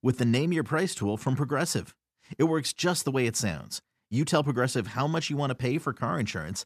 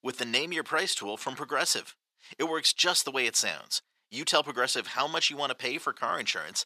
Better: first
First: none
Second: thin; very; fading below 600 Hz

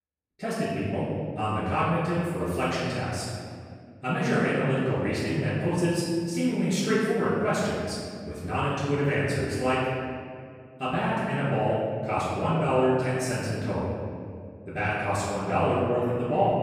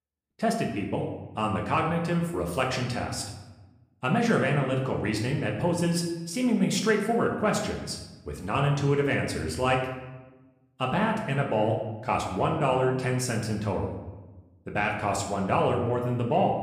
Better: second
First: room echo; strong; dies away in 2 s // off-mic speech; far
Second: room echo; slight; dies away in 0.9 s // off-mic speech; somewhat distant

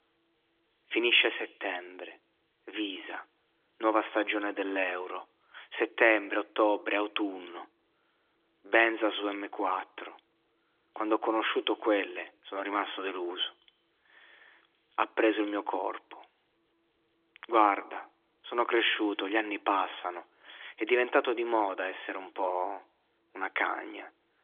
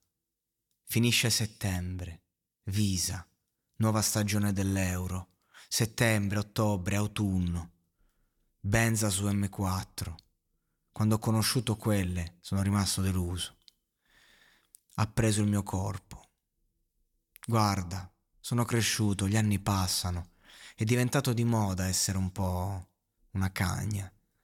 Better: second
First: phone-call audio; nothing above 3.5 kHz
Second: none

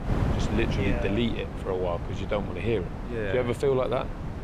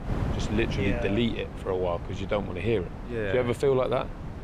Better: second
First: wind noise on the microphone; heavy; 8 dB below the speech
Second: wind noise on the microphone; occasional gusts; 10 dB below the speech

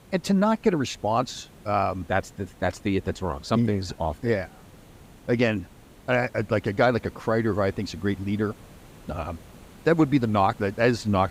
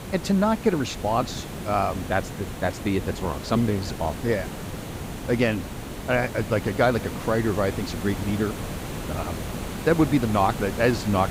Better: first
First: hiss; faint; throughout; 25 dB below the speech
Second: hiss; loud; throughout; 9 dB below the speech

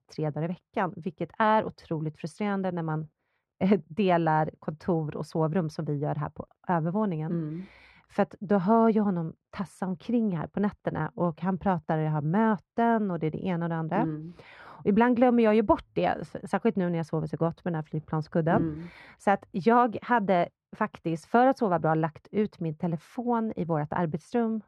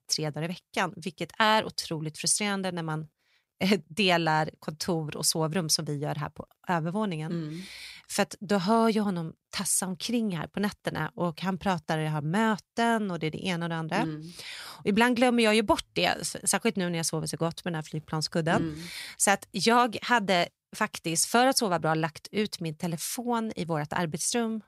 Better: second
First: muffled; very; fading above 3 kHz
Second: none

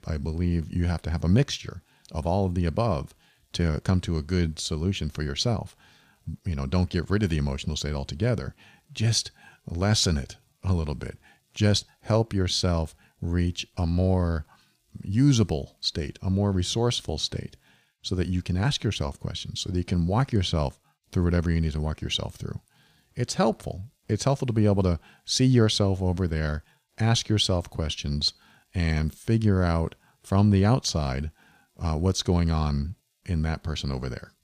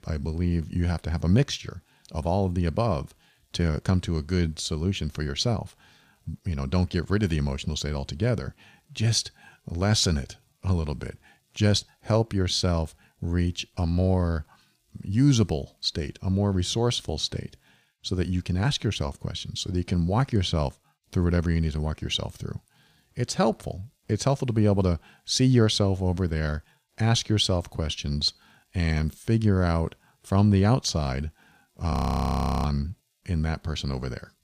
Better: first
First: none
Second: audio freezing; at 32 s for 0.5 s

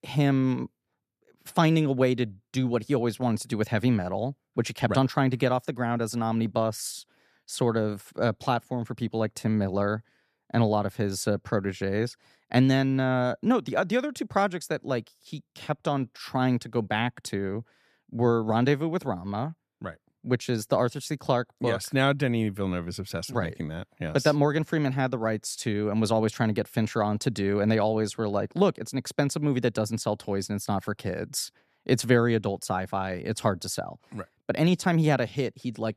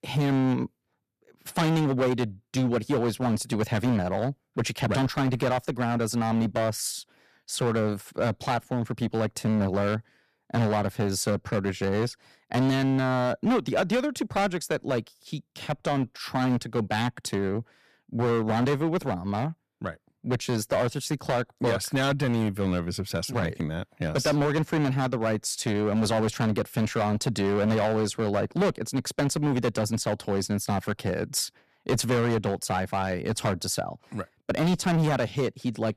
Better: first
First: none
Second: distortion; heavy; 11% of the sound clipped

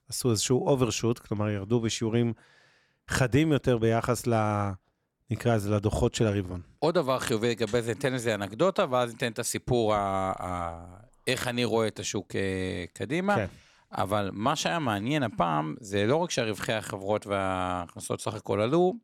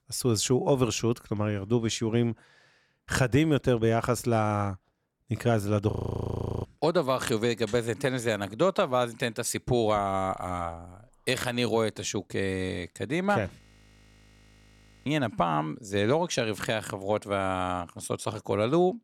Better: first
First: none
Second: audio freezing; at 6 s for 0.5 s and at 14 s for 1.5 s

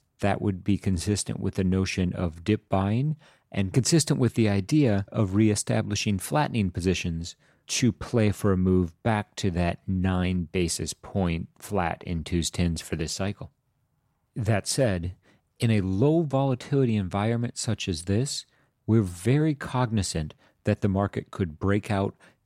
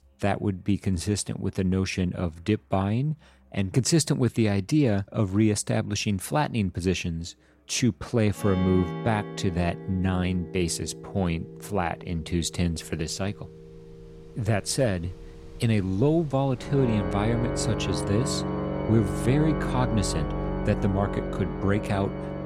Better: first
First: none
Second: background music; loud; throughout; 6 dB below the speech

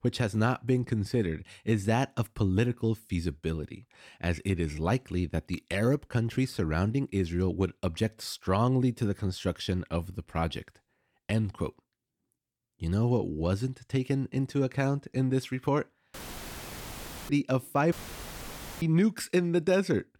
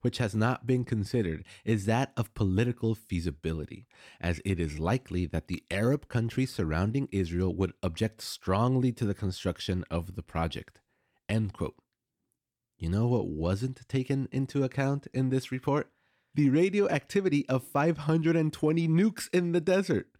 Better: second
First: audio cutting out; filled with static; at 16 s for 1 s and at 18 s for 1 s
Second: none

